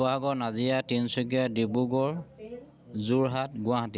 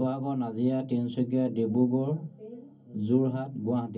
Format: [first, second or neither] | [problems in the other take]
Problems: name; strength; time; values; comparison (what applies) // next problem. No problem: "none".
first | room echo; dies away in 0.3 s